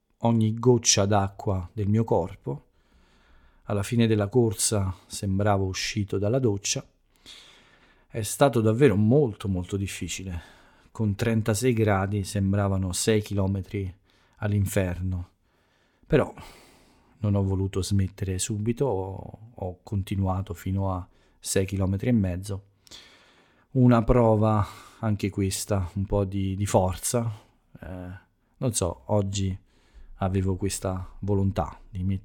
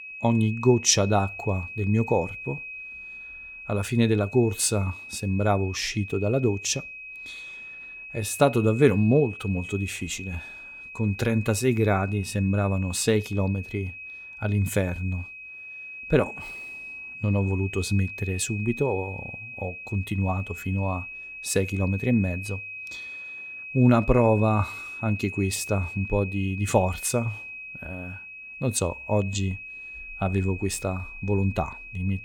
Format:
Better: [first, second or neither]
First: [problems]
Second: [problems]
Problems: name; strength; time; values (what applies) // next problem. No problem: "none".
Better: first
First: none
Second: high-pitched whine; noticeable; throughout; 2.5 kHz, 10 dB below the speech